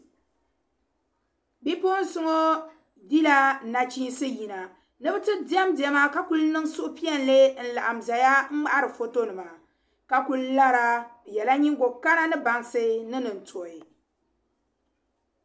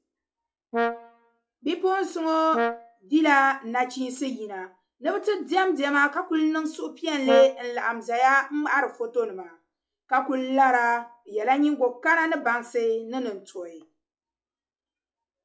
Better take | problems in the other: first | noise reduction (classical method log-MMSE)

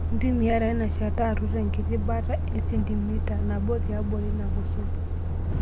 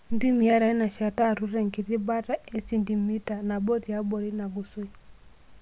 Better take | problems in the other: second | background sound (Truck); 3 dB above the speech

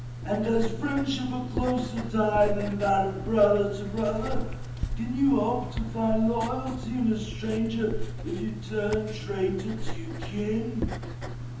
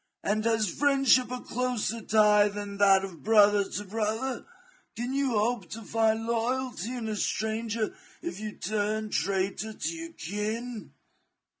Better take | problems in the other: second | background sound (Writing); 5 dB below the speech // room echo; dies away in 1.3 s

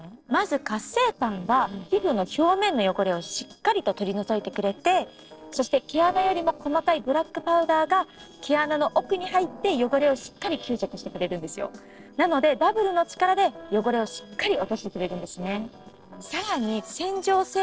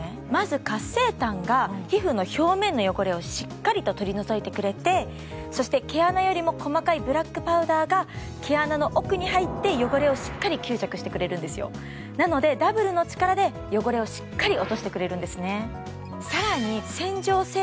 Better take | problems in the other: second | noise reduction (neural separator model SepFormer DNS4)

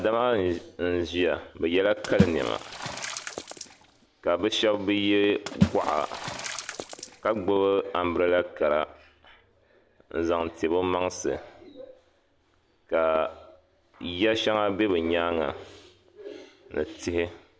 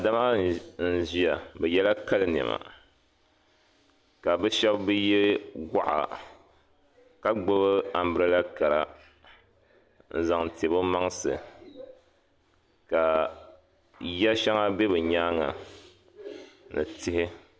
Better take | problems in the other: second | background sound (Water / Splash, splatter); 3 dB below the speech

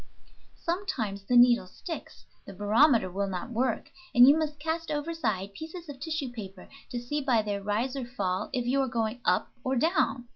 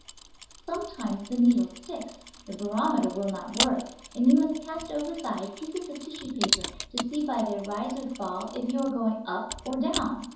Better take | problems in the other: first | background sound (Mechanisms); 8 dB below the speech // room echo; dies away in 2.8 s

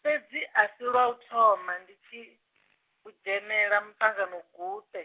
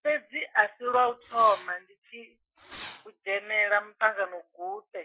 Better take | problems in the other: first | noise reduction (classical method Wiener filter)

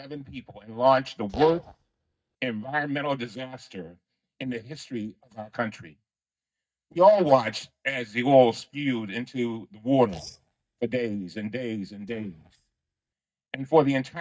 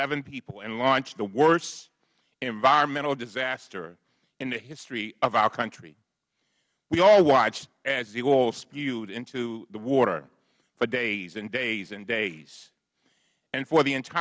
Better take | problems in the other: second | noise reduction (neural mask model DeepFilterNet 3)

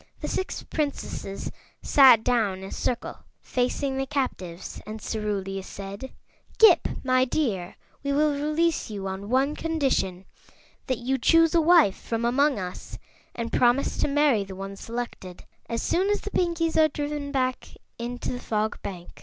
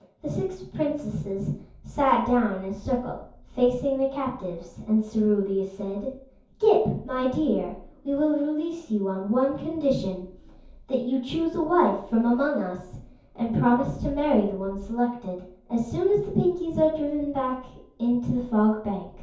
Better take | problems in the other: first | room echo; dies away in 0.6 s

